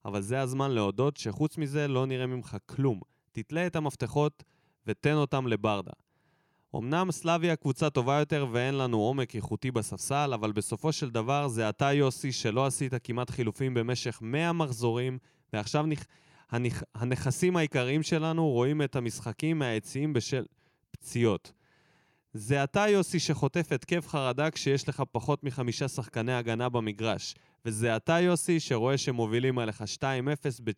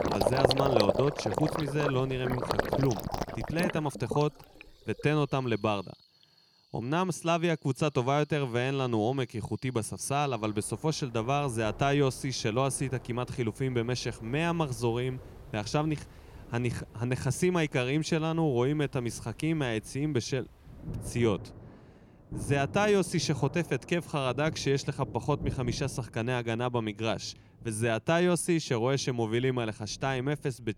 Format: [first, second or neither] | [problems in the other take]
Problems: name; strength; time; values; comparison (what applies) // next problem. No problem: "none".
first | rain or running water; loud; throughout; 4 dB below the speech